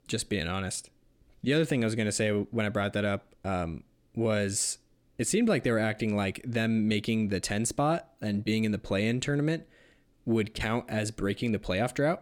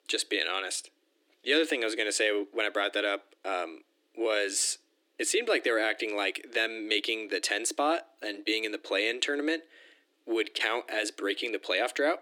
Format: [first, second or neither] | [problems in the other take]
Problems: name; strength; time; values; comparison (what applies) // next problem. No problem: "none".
first | thin; very; fading below 300 Hz